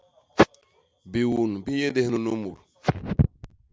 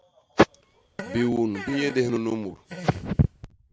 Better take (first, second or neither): first